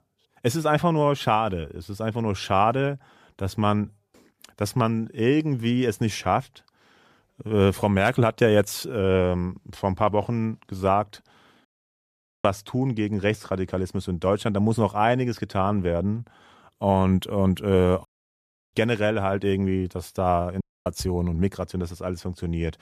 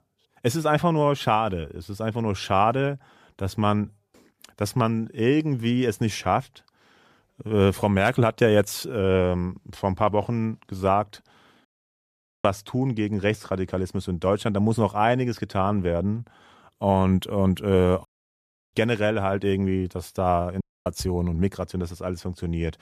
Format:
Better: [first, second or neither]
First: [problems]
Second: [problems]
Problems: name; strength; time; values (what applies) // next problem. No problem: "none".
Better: neither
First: audio cutting out; at 12 s for 1 s, at 18 s for 0.5 s and at 21 s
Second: audio cutting out; at 12 s for 1 s, at 18 s for 0.5 s and at 21 s